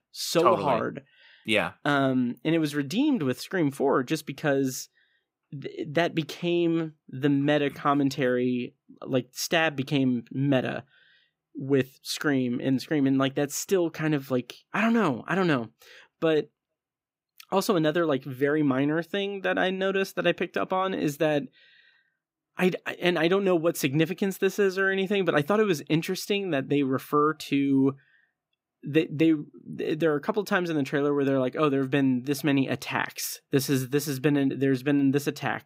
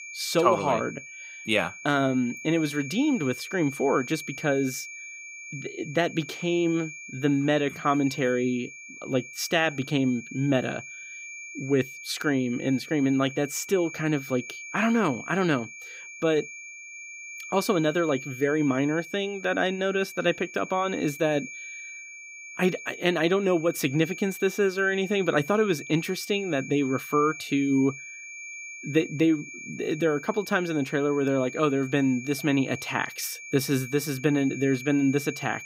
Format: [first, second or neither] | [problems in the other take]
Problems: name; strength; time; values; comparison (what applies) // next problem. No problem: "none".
first | high-pitched whine; noticeable; throughout; 2.5 kHz, 15 dB below the speech